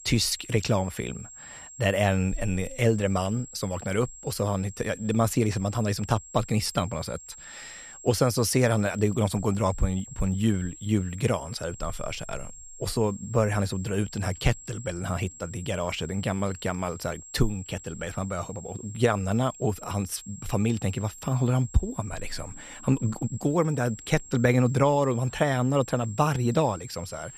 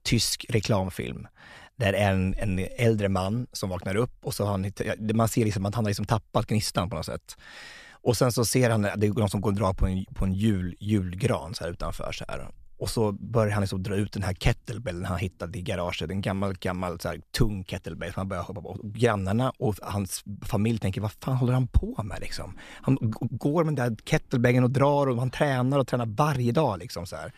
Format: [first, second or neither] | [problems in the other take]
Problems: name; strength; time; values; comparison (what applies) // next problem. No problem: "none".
second | high-pitched whine; noticeable; throughout; 7.5 kHz, 15 dB below the speech